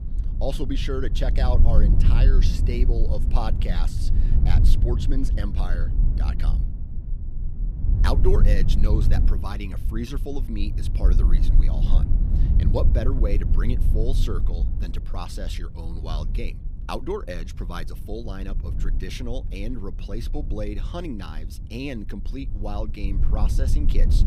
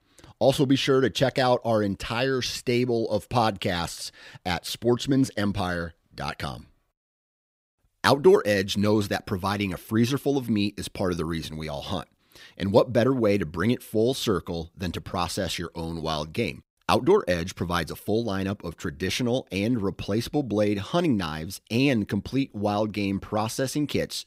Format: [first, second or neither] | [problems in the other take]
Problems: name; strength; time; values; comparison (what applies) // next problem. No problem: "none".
second | low rumble; loud; throughout; 7 dB below the speech